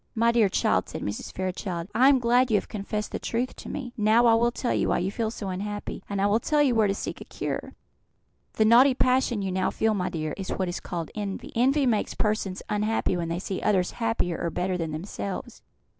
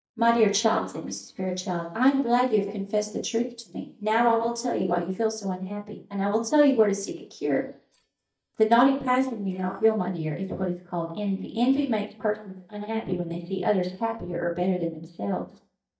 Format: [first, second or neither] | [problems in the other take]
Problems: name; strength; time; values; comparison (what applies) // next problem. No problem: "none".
first | noise reduction (neural mask model DeepFilterNet 3)